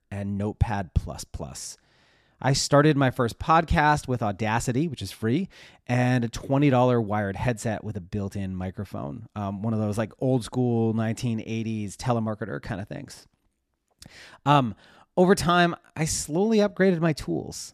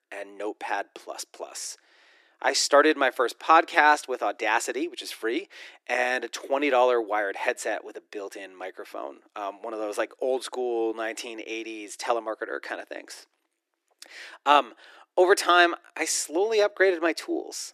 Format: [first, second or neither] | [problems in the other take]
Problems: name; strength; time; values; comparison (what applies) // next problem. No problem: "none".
first | thin; very; fading below 300 Hz